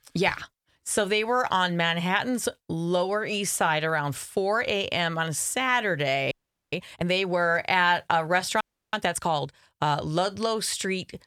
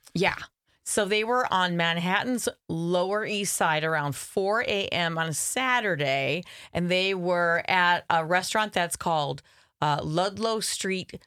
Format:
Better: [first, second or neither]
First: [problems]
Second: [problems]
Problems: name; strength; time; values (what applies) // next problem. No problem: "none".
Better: second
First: audio freezing; at 6.5 s and at 8.5 s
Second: none